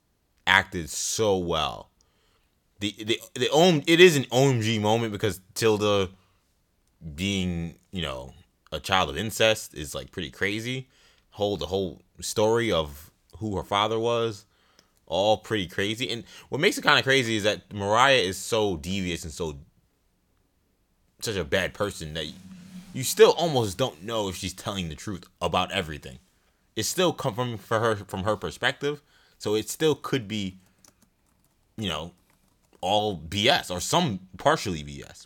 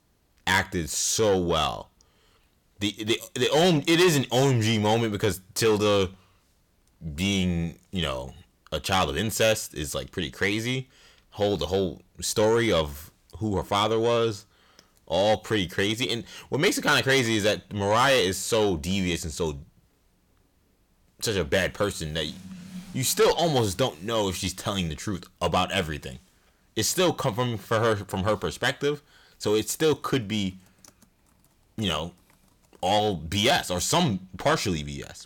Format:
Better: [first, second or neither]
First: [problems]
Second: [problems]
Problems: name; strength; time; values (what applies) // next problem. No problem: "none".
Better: first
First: none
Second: distortion; heavy; 8 dB below the speech